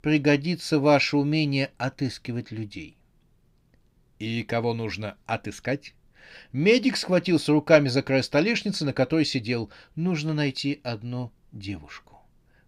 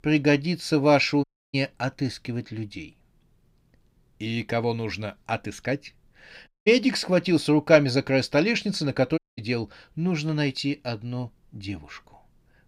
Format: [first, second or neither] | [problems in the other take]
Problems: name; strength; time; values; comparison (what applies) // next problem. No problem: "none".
first | audio cutting out; at 1 s, at 6.5 s and at 9 s